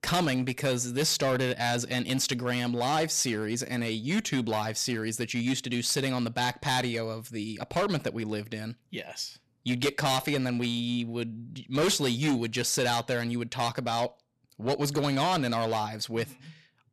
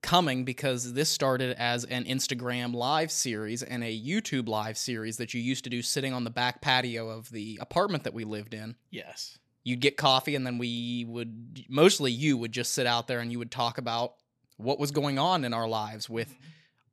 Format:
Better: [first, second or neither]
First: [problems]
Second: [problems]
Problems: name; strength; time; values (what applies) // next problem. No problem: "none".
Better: second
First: distortion; heavy; 8% of the sound clipped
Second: none